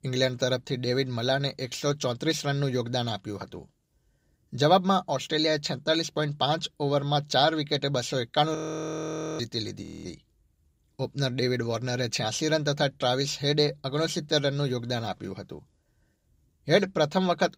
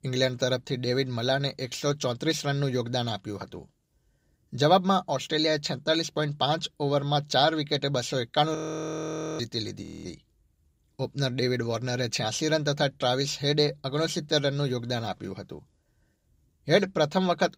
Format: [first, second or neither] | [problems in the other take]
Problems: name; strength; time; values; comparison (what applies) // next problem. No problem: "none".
neither | audio freezing; at 8.5 s for 1 s and at 10 s; the same in both